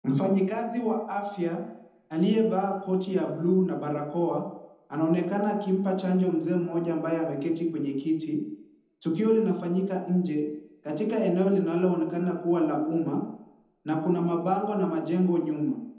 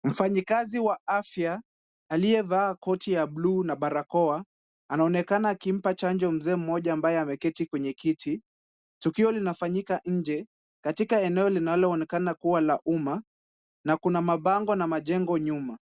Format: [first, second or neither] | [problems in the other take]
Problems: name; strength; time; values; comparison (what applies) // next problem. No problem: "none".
second | room echo; dies away in 0.8 s